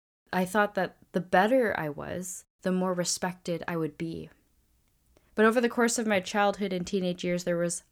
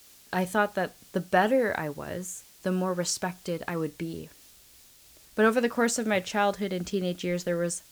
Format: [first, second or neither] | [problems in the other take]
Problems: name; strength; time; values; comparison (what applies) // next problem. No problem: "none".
first | hiss; faint; throughout; 25 dB below the speech